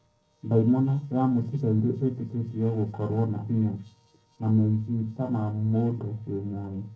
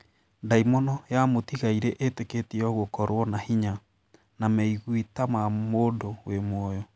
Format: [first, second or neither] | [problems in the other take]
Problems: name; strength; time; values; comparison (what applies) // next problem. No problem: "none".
second | noise reduction (neural separator model SepFormer DNS4)